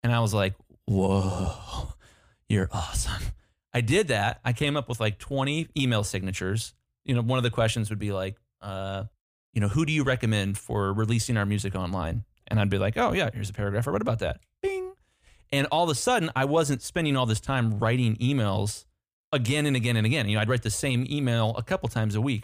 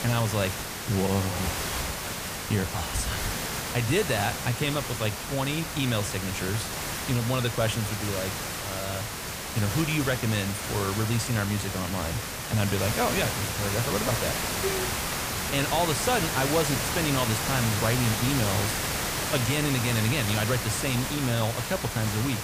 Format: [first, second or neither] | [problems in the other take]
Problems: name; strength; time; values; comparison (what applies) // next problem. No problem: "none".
first | hiss; loud; throughout; 1 dB below the speech